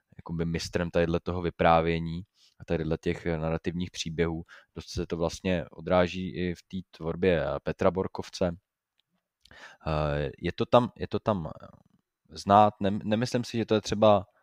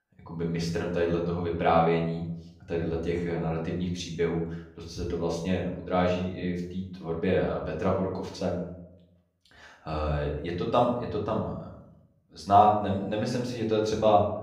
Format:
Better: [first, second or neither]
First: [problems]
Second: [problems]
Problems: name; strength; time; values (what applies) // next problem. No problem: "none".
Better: first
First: none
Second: off-mic speech; far // room echo; noticeable; dies away in 0.6 s